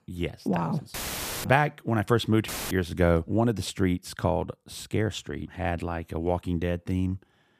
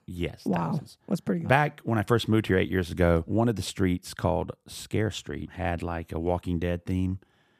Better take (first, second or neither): second